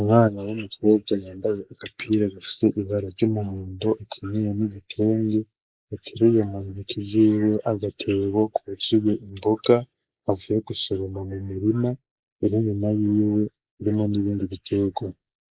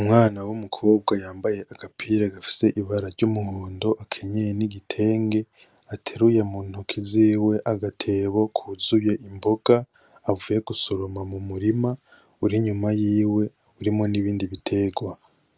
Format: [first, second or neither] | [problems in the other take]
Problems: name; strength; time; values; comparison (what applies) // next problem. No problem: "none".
second | noise reduction (neural mask model Resemble Enhance denoiser)